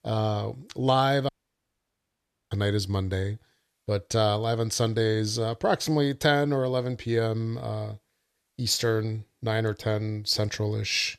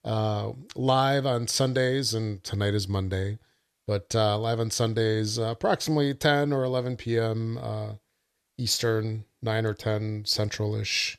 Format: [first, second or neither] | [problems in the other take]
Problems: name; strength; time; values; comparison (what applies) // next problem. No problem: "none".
second | audio cutting out; at 1.5 s for 1 s